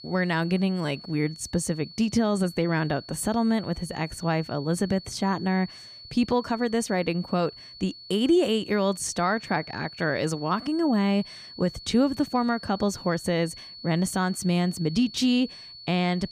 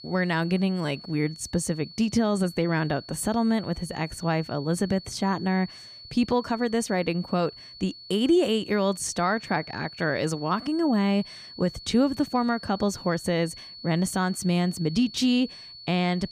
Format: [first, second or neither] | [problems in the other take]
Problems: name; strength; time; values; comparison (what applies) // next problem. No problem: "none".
neither | high-pitched whine; noticeable; throughout; 4.5 kHz, 15 dB below the speech; the same in both